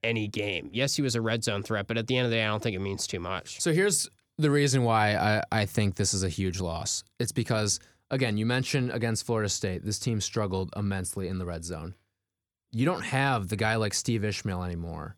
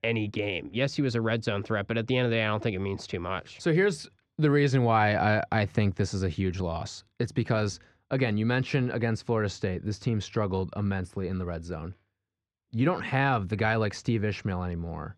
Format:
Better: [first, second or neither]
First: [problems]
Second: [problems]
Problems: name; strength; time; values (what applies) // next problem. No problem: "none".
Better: first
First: none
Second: muffled; slightly; fading above 3 kHz